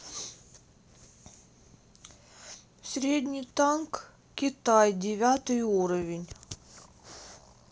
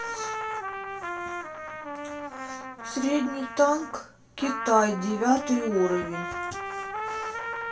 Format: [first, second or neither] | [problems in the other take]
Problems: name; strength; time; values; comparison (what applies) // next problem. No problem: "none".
first | background sound (Trumpet); 6 dB below the speech // room echo; dies away in 0.2 s